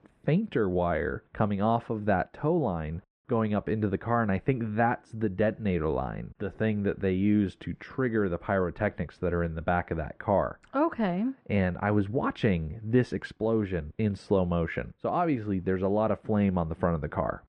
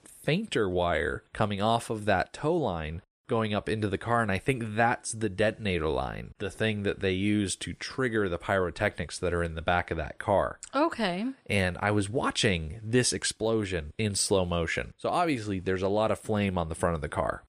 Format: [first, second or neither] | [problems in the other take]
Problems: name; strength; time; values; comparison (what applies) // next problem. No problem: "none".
second | muffled; very; fading above 1.5 kHz